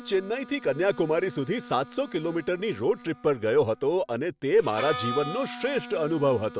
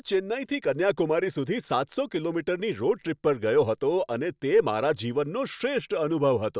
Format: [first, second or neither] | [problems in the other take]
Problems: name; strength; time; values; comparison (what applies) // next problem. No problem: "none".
second | background sound (Harmonica); 14 dB below the speech